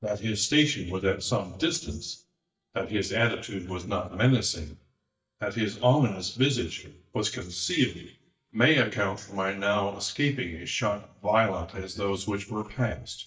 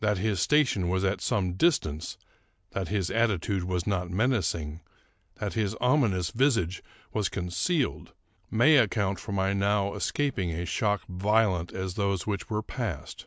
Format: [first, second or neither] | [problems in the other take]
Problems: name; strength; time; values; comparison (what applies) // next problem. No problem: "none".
second | noise reduction (neural mask model DeepFilterNet 3)